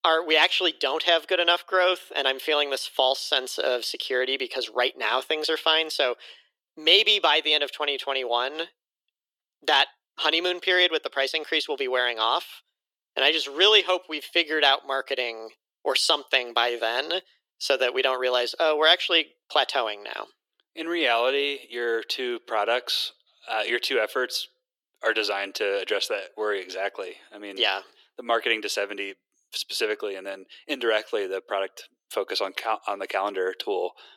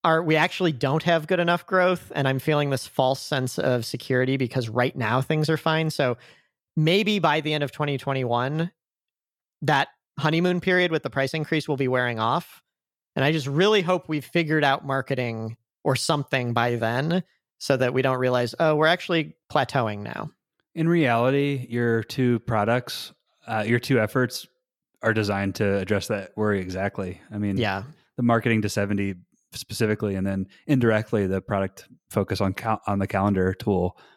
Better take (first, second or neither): second